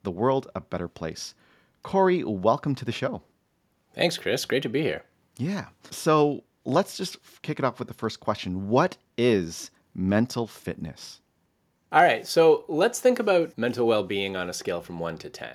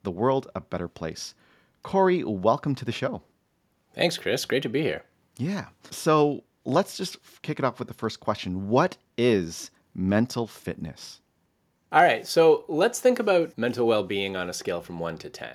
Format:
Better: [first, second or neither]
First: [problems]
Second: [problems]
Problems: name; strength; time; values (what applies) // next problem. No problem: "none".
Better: neither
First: none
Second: none